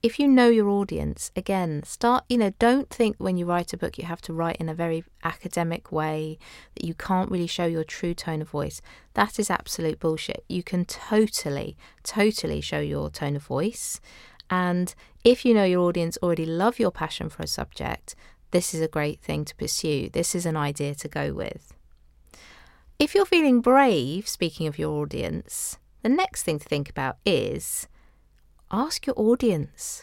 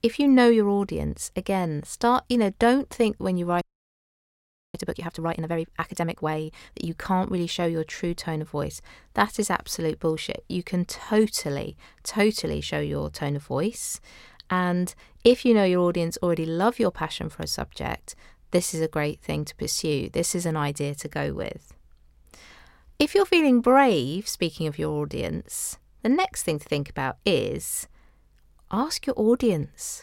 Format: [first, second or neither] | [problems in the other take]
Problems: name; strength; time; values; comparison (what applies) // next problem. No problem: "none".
first | audio freezing; at 3.5 s for 1 s